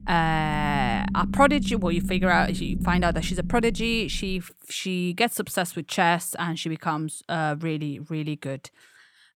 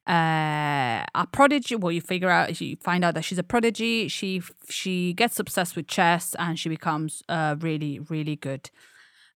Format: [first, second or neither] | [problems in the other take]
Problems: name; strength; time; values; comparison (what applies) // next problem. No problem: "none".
second | low rumble; noticeable; until 4.5 s; 15 dB below the speech